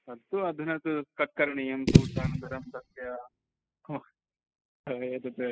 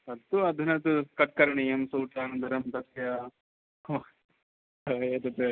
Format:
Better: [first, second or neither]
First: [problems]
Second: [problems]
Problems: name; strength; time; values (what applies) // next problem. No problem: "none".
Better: second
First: noise reduction (classical method spectral subtraction)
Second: none